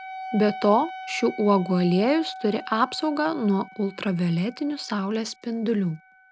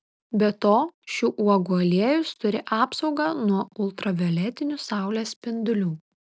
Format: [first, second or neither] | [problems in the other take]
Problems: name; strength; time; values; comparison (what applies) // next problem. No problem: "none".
second | background sound (Wind instrument, woodwind instrument); 15 dB below the speech